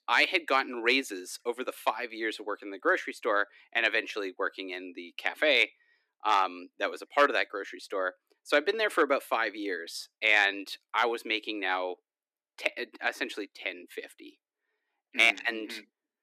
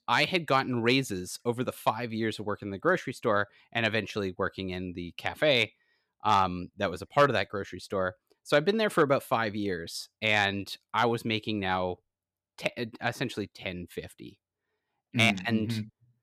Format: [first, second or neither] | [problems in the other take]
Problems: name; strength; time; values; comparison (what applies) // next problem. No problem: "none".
second | thin; somewhat; fading below 300 Hz